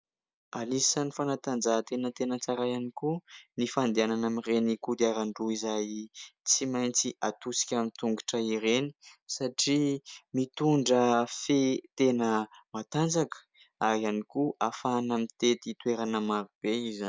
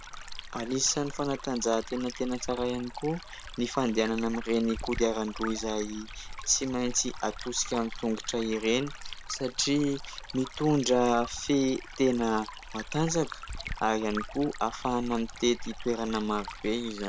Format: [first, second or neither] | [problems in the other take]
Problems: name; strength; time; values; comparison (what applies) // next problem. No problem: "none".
first | background sound (Stream); 11 dB below the speech